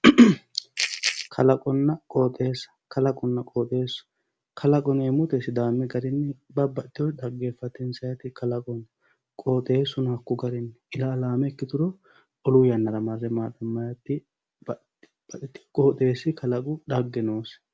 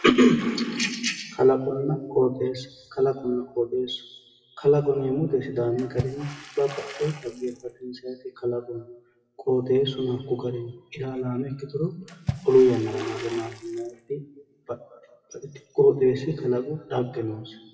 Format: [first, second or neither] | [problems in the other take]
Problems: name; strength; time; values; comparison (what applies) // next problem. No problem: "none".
first | noise reduction (classical method WPE with log-MMSE)